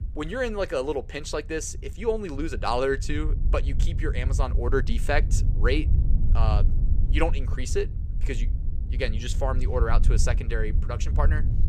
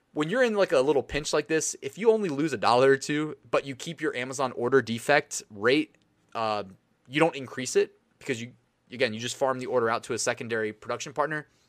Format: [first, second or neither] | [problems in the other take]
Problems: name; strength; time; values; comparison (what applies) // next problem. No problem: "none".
second | low rumble; noticeable; throughout; 15 dB below the speech